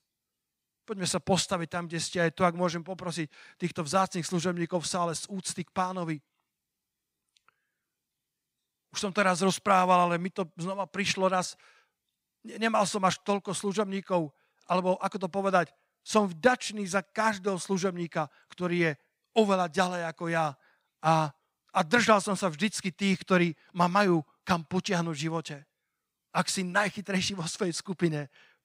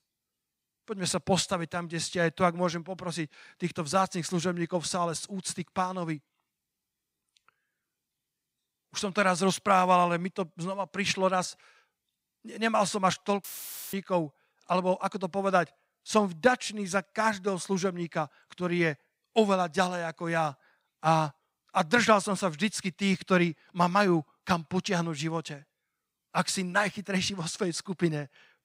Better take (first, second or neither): first